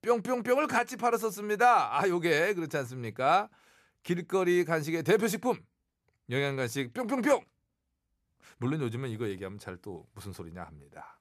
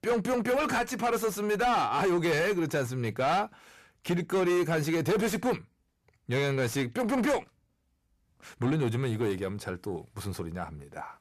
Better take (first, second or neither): first